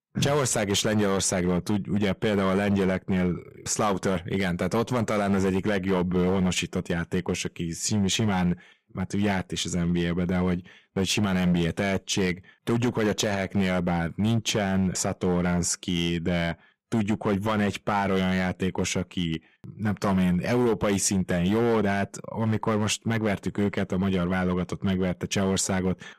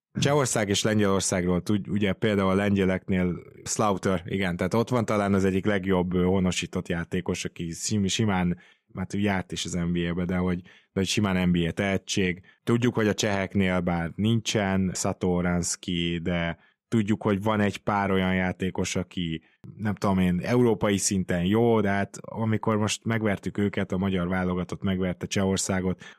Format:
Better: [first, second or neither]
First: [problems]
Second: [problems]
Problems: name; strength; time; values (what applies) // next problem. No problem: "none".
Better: second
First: distortion; slight; 7% of the sound clipped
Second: none